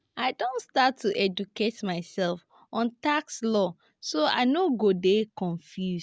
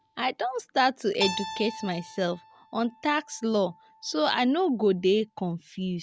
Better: first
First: none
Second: background sound (Keyboard (musical)); 15 dB below the speech

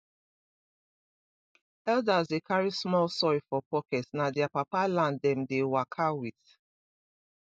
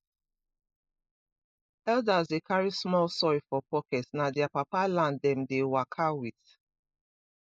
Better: first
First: none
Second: noise reduction (neural mask model Resemble Enhance denoiser)

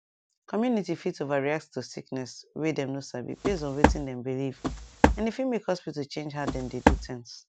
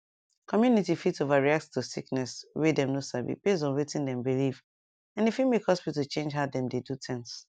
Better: second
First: background sound (Walk, footsteps); 5 dB above the speech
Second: none

